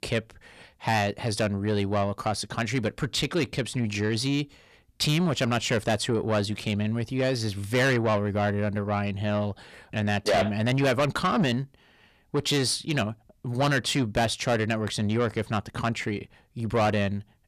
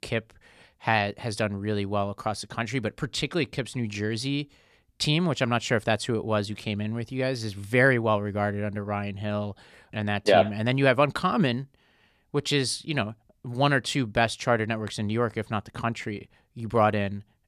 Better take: second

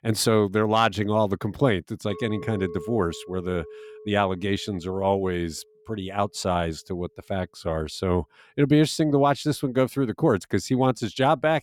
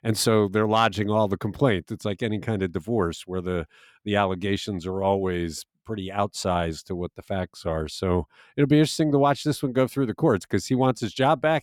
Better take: second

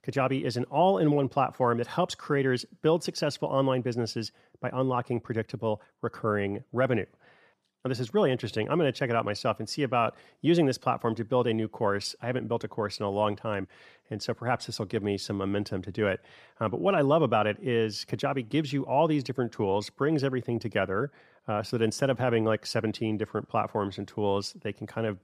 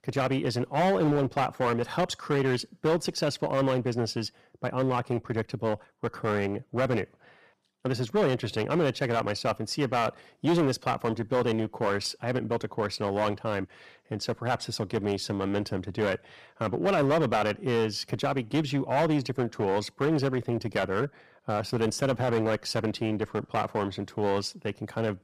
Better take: first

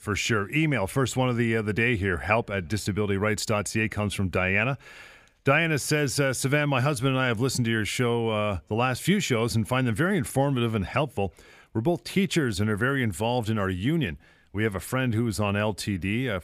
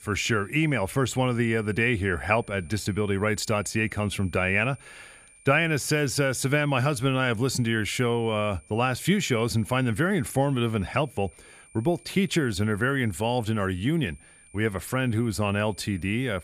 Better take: first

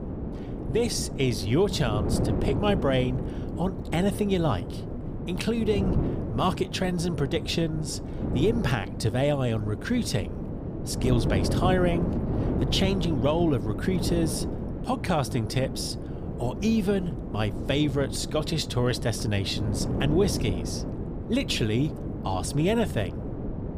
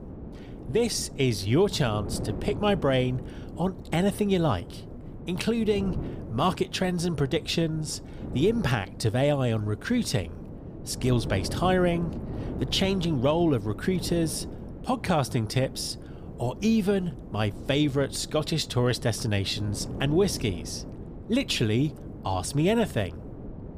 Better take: second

